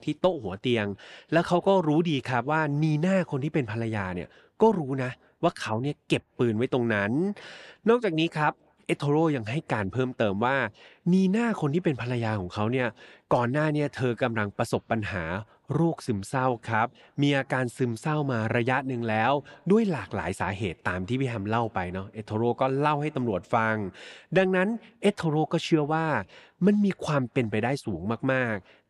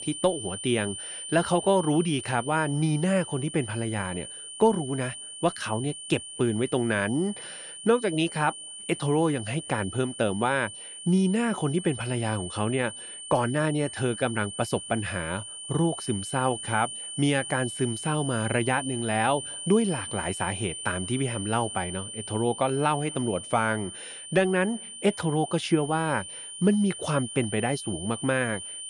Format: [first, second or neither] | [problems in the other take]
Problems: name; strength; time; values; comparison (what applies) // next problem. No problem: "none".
first | high-pitched whine; loud; throughout; 9 kHz, 9 dB below the speech